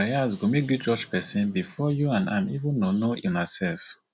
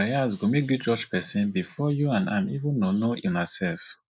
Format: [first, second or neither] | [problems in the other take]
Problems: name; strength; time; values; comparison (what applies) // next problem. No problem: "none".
first | noise reduction (neural mask model Resemble Enhance denoiser)